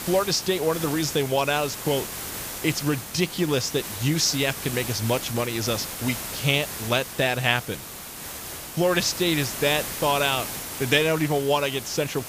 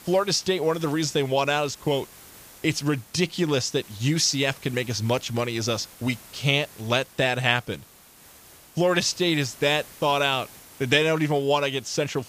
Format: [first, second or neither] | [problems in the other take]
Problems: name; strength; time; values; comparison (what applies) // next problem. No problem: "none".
second | hiss; loud; throughout; 8 dB below the speech; faint in the second